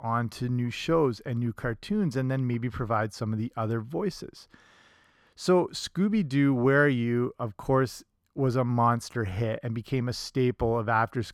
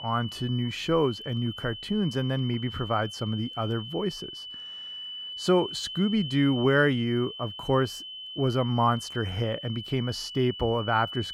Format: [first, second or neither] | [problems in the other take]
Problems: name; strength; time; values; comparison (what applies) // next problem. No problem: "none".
first | high-pitched whine; loud; throughout; 3 kHz, 10 dB below the speech